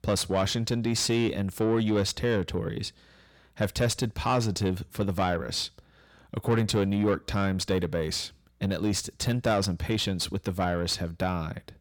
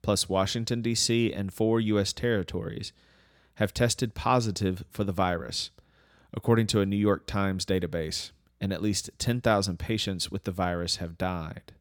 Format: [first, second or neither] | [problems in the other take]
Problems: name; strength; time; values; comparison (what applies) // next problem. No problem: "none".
second | distortion; slight; 10 dB below the speech